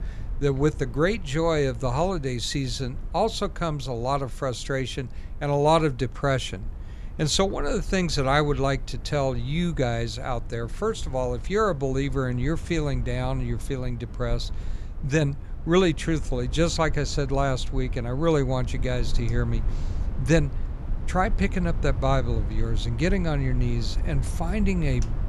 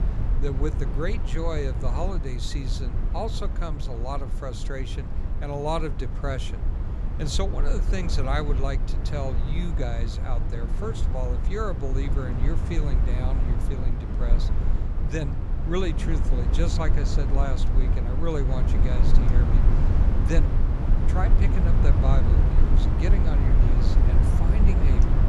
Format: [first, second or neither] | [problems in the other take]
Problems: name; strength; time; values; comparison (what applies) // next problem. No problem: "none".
first | low rumble; loud; throughout; 4 dB below the speech; faint in the first